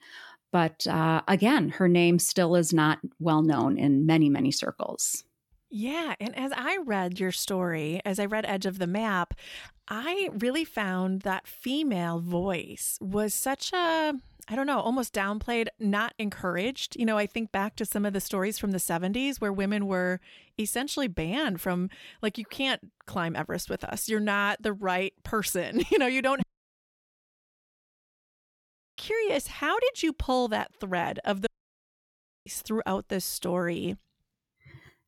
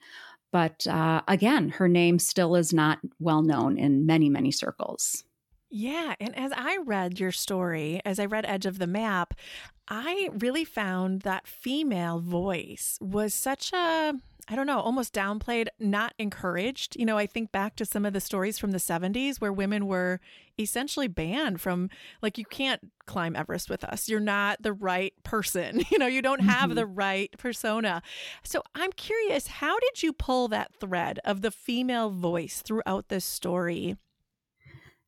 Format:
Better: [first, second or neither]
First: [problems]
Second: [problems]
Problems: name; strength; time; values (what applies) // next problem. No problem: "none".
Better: second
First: audio cutting out; at 26 s for 2.5 s and at 31 s for 1 s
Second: none